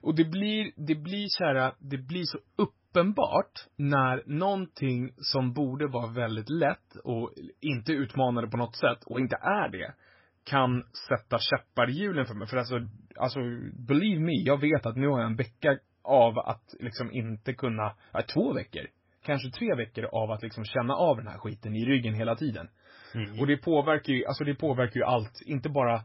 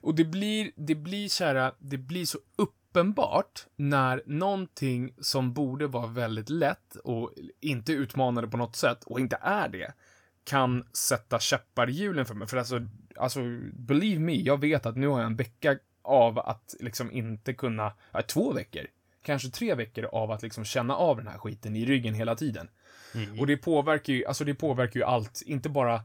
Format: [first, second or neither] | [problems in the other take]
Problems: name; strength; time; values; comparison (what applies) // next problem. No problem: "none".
second | garbled, watery; badly; nothing above 5.5 kHz